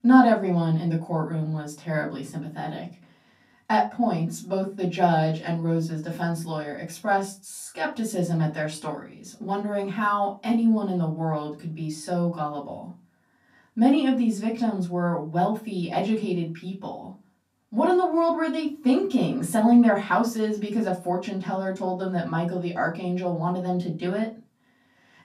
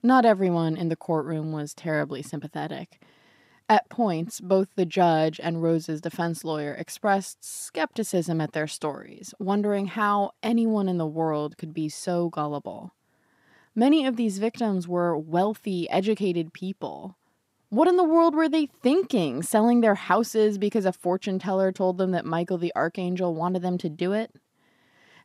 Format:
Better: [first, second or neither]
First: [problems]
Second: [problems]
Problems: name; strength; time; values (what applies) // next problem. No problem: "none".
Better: second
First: off-mic speech; far // room echo; very slight; dies away in 0.2 s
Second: none